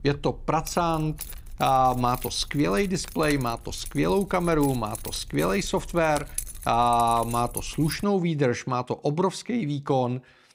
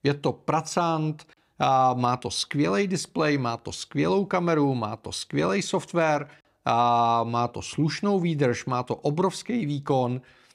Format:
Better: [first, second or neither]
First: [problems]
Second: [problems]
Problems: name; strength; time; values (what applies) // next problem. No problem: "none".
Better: second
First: jangling keys; noticeable; until 8 s; peak 7 dB below the speech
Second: none